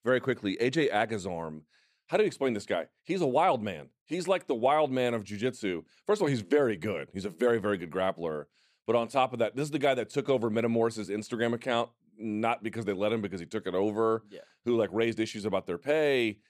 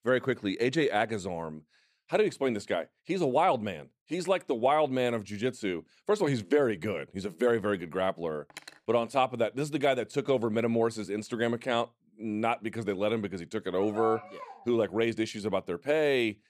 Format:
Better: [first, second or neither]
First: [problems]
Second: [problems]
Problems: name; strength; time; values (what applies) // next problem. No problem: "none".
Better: first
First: none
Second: clattering dishes; faint; at 8.5 s; peak 15 dB below the speech // dog barking; noticeable; at 14 s; peak 8 dB below the speech